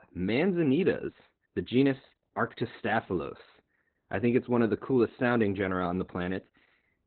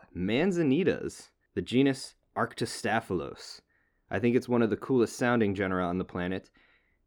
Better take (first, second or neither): second